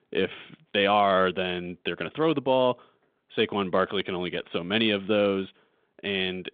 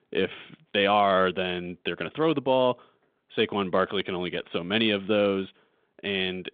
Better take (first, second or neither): neither